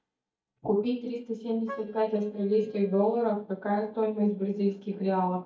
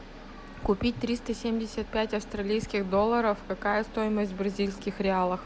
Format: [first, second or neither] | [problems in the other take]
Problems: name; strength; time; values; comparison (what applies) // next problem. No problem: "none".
second | noise reduction (neural mask model DeepFilterNet 3)